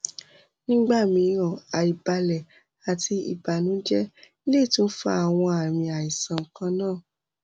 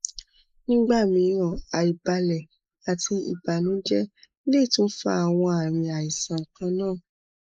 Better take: first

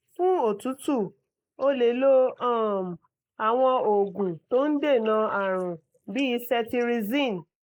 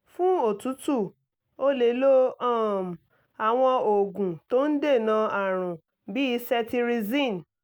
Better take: second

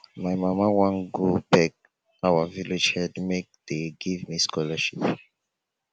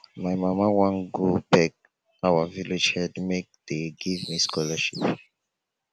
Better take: first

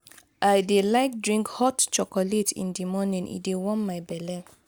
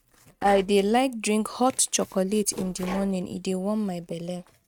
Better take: first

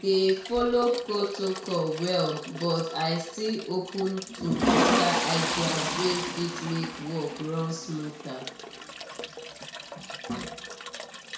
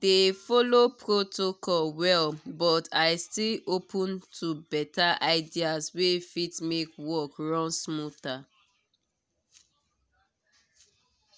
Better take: second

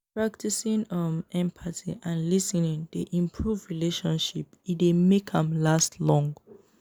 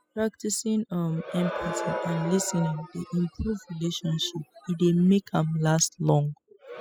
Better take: first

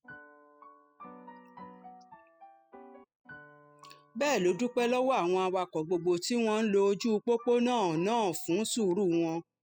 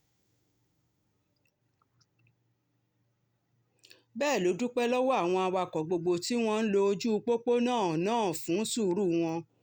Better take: second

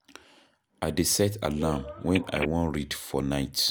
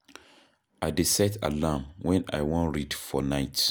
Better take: second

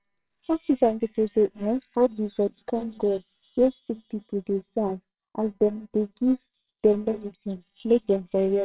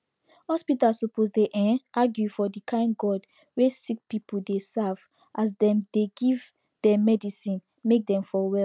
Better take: second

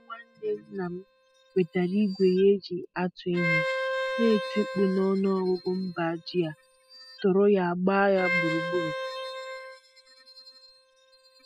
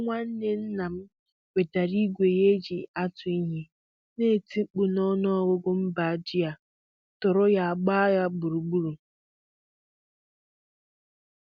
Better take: second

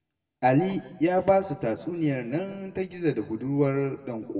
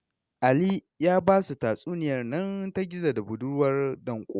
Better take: second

